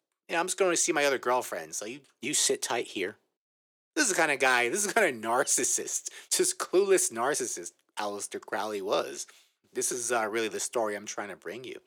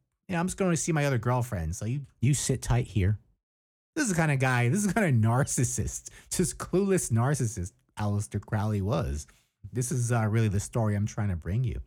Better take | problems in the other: second | thin; very; fading below 350 Hz

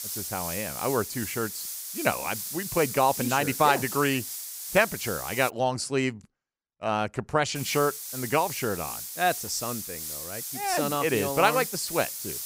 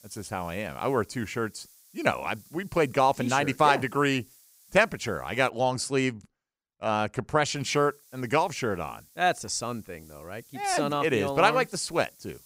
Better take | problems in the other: second | hiss; loud; until 5.5 s and from 7.5 s on; 6 dB below the speech; faint in the second

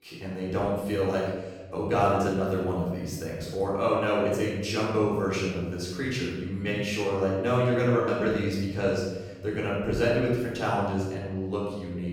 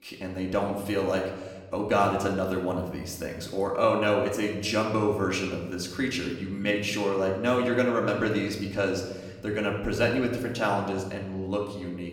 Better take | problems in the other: second | room echo; strong; dies away in 1.4 s; slight in the second // off-mic speech; far; far in the second

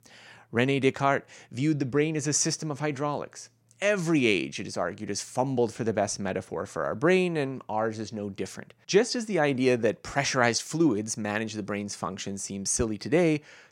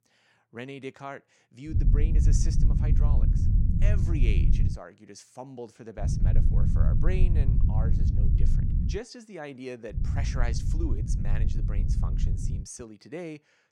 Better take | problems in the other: first | low rumble; loud; from 1.5 to 4.5 s, from 6 to 9 s and from 10 to 13 s; 1 dB below the speech

